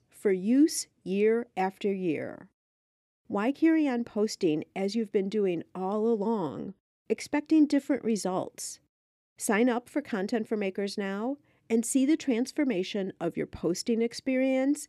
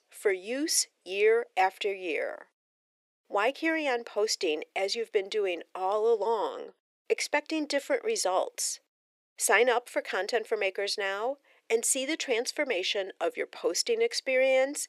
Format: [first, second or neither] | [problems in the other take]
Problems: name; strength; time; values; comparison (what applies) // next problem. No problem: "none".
first | thin; very; fading below 500 Hz